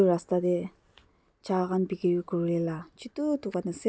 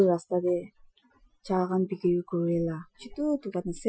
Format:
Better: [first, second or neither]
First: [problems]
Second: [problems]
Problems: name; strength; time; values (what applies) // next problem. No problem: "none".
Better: first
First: none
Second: noise reduction (classical method Wiener filter)